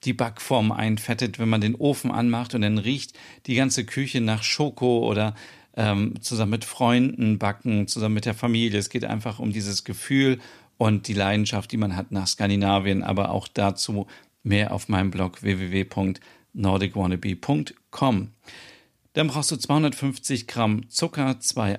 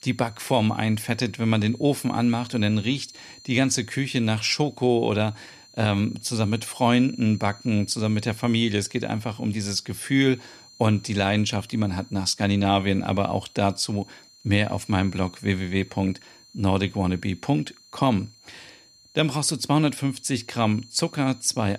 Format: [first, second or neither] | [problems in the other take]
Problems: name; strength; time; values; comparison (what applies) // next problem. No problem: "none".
first | high-pitched whine; faint; throughout; 4 kHz, 25 dB below the speech